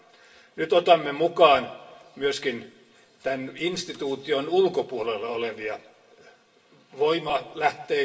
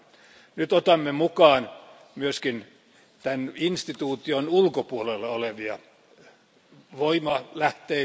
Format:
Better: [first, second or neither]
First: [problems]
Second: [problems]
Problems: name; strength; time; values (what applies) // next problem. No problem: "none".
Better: second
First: room echo; dies away in 0.8 s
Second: none